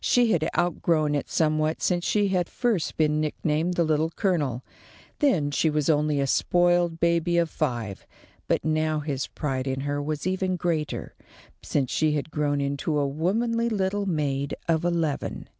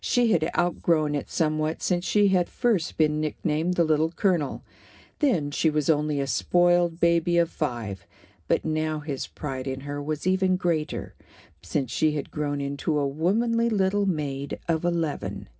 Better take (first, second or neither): first